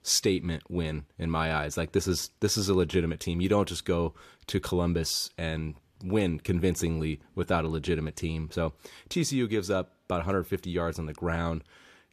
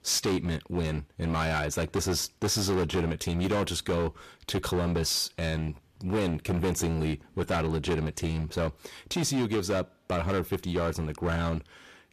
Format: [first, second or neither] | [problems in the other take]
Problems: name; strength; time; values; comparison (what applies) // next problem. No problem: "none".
first | distortion; heavy; 16% of the sound clipped